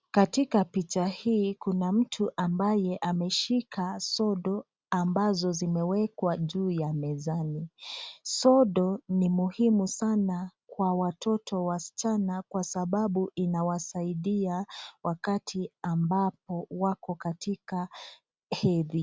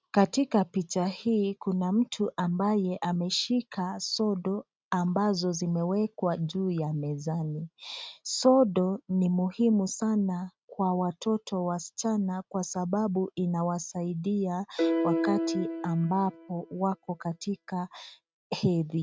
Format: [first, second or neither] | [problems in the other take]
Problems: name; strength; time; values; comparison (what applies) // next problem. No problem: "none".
first | noise reduction (neural mask model RNNoise)